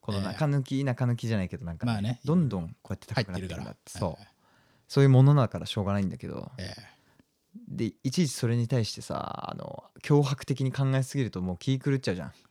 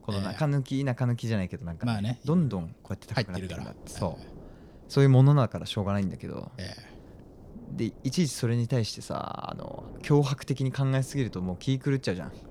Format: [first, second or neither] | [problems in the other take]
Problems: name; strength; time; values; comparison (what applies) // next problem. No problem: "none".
first | wind noise on the microphone; occasional gusts; 20 dB below the speech